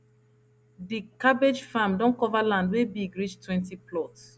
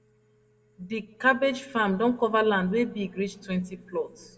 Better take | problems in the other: first | room echo; dies away in 1 s

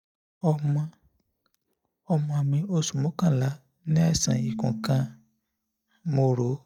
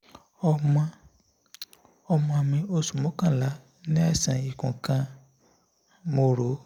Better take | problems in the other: second | noise reduction (neural mask model DeepFilterNet 3)

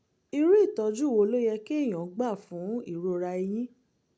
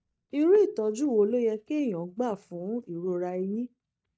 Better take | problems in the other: first | noise reduction (neural mask model DeepFilterNet 3)

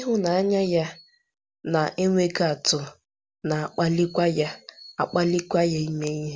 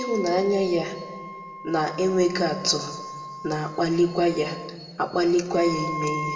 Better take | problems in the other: first | background sound (Wind instrument, woodwind instrument); 12 dB below the speech // room echo; dies away in 1.7 s

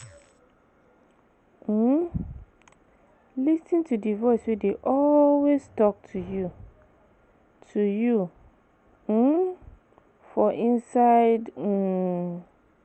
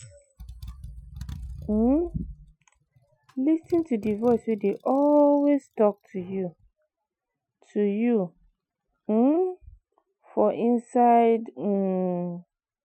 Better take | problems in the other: first | noise reduction (classical method Wiener filter)

